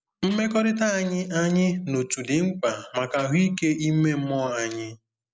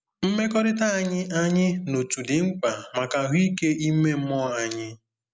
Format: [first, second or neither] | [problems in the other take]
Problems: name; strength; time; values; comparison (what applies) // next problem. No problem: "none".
second | noise reduction (neural separator model SepFormer DNS4)